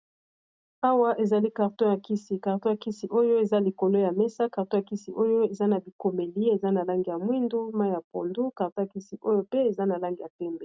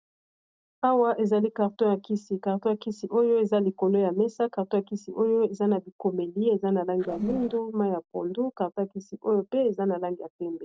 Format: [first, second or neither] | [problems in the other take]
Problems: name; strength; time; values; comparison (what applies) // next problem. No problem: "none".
first | noise reduction (neural separator model SepFormer DNS4)